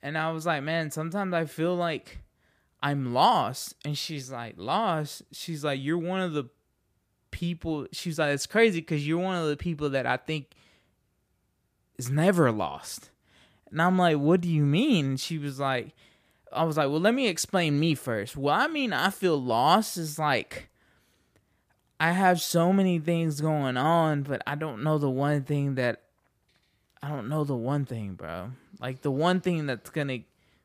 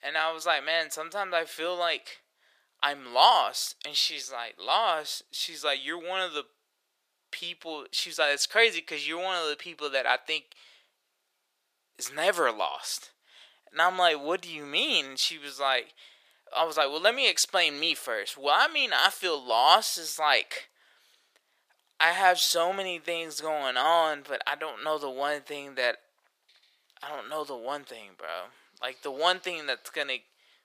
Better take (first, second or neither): first